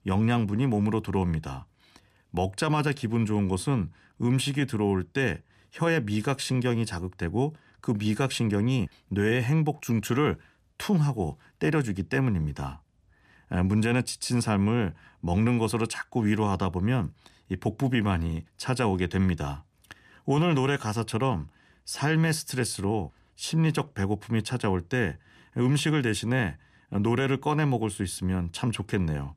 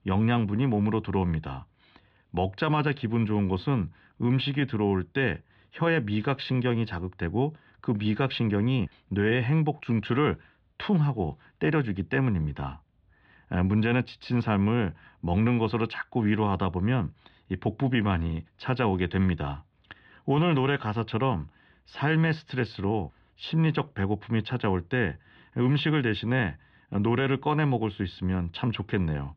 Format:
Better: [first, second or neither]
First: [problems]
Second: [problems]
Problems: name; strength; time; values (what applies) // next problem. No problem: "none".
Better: first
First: none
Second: muffled; slightly; fading above 3.5 kHz